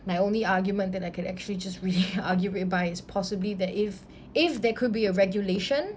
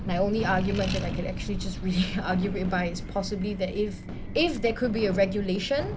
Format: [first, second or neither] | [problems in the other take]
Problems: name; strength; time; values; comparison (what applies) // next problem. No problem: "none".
first | background sound (Fireworks + Accelerating, revving, vroom); 6 dB below the speech